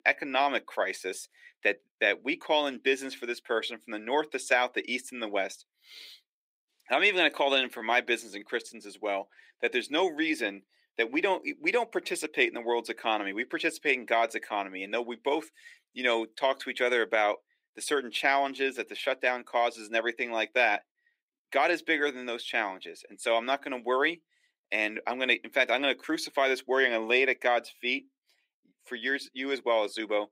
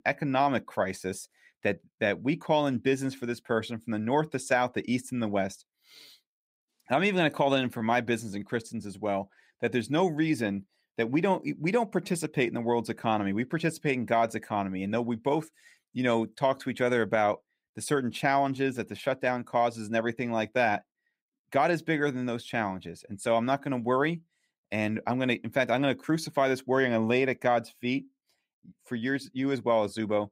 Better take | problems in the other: second | thin; somewhat; fading below 350 Hz

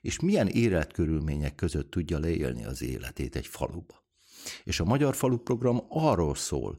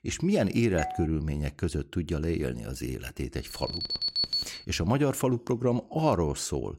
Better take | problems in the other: first | doorbell; noticeable; at 1 s; peak 7 dB below the speech // alarm; loud; from 3.5 to 4.5 s; peak 3 dB above the speech

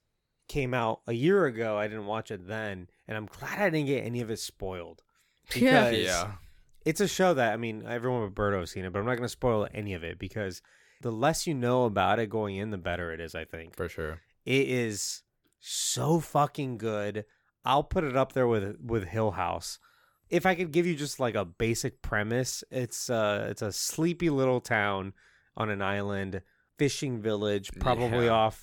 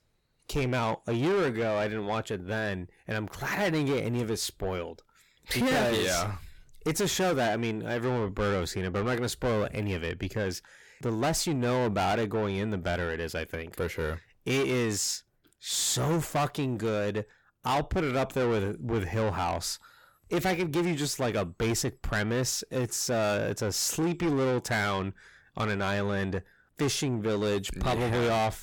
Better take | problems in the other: first | distortion; heavy; 7 dB below the speech

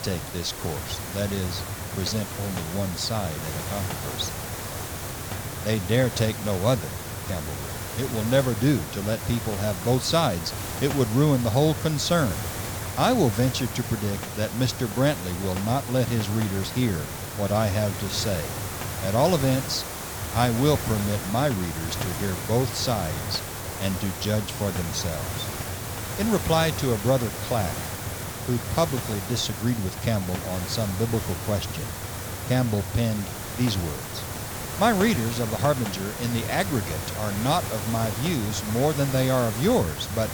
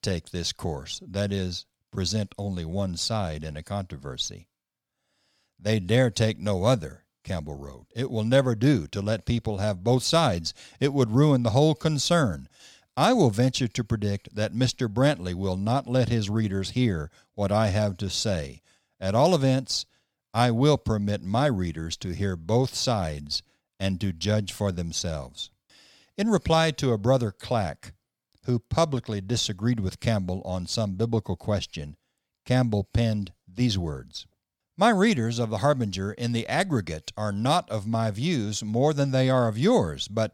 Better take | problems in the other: second | hiss; loud; throughout; 6 dB below the speech

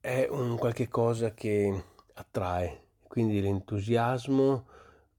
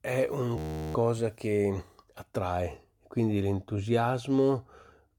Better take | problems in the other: first | audio freezing; at 0.5 s

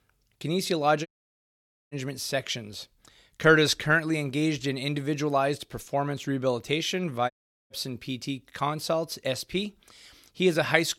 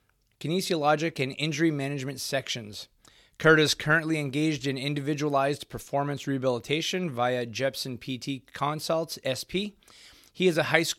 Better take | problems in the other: second | audio cutting out; at 1 s for 1 s and at 7.5 s

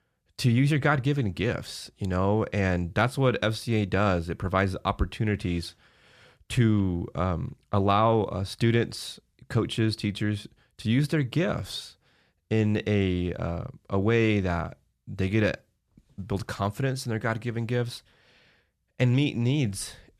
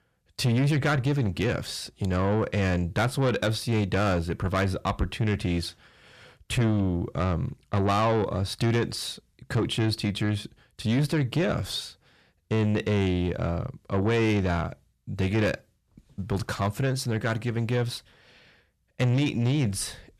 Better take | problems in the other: first | distortion; slight; 10 dB below the speech

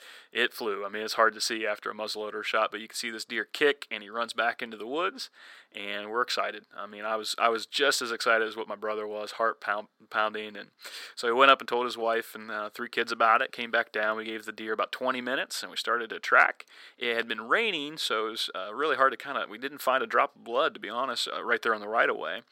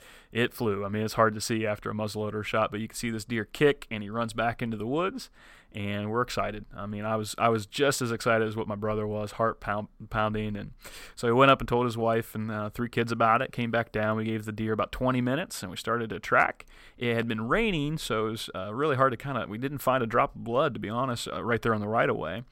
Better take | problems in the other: second | thin; somewhat; fading below 350 Hz

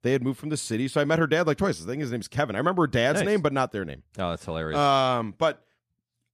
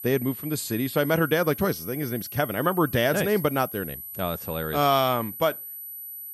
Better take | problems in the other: first | high-pitched whine; noticeable; throughout; 11.5 kHz, 10 dB below the speech

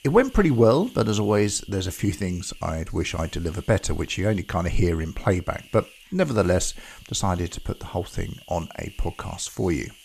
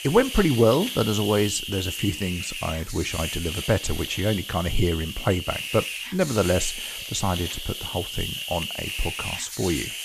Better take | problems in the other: first | hiss; loud; throughout; 5 dB below the speech; faint in the first

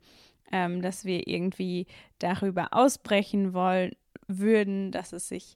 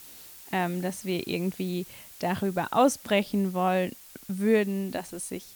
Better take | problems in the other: first | hiss; noticeable; throughout; 15 dB below the speech

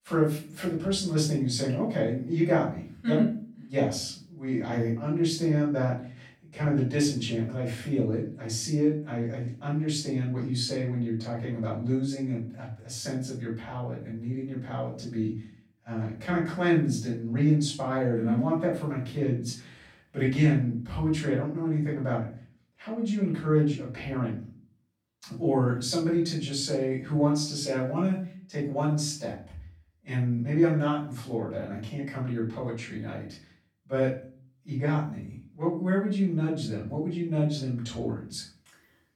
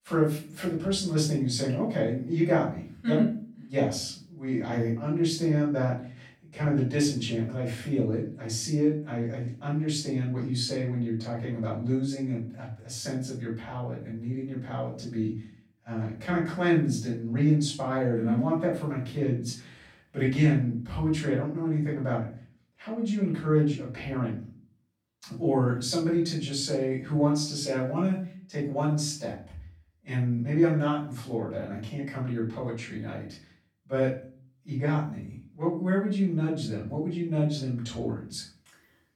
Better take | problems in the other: neither | off-mic speech; far; the same in both // room echo; noticeable; dies away in 0.4 s; the same in both

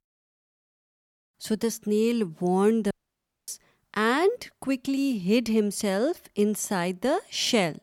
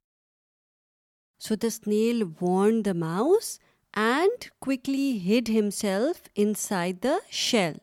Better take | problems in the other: second | audio cutting out; at 3 s for 0.5 s

